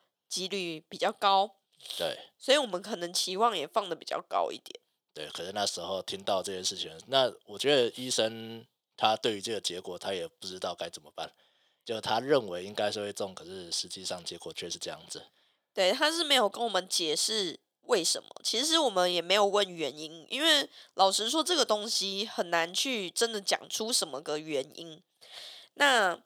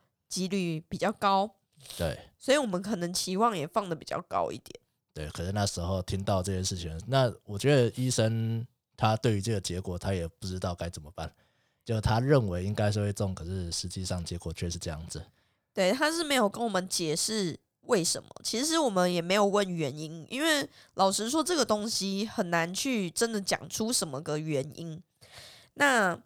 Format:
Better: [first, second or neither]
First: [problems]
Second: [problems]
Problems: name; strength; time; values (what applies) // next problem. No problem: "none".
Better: second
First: thin; somewhat; fading below 400 Hz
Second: none